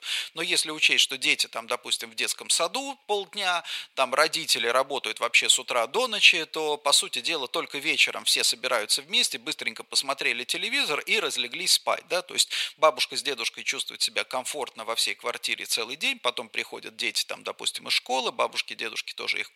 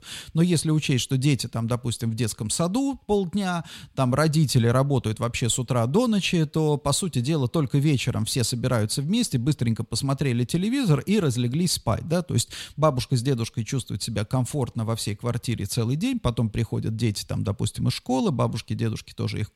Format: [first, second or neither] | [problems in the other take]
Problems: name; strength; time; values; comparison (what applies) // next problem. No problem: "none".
second | thin; very; fading below 550 Hz